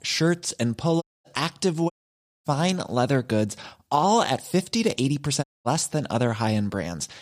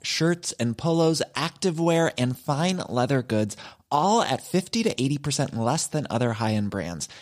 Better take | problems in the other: second | audio cutting out; at 1 s, at 2 s for 0.5 s and at 5.5 s

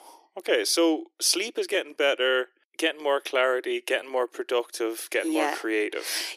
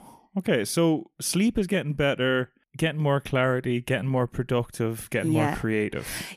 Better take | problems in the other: second | thin; very; fading below 350 Hz

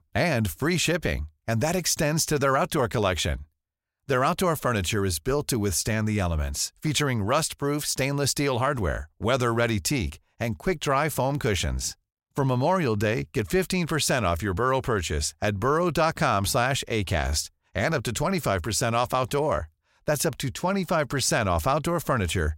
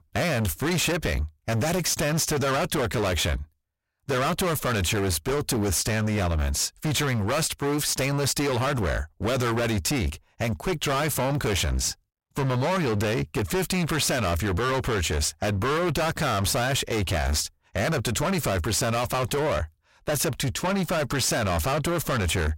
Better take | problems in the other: first | distortion; heavy; 33% of the sound clipped

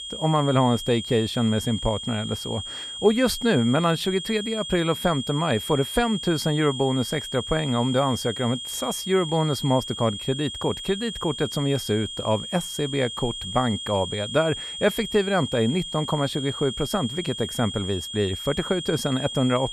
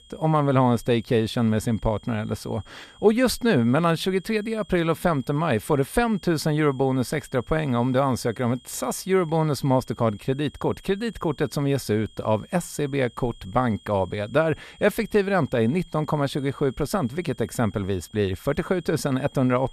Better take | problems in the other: second | high-pitched whine; loud; throughout; 3.5 kHz, 7 dB below the speech; faint in the second

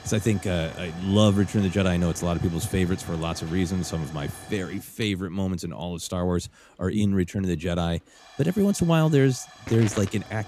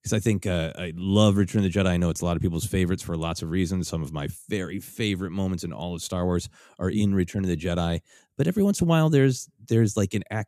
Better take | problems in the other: second | hiss; noticeable; throughout; 15 dB below the speech

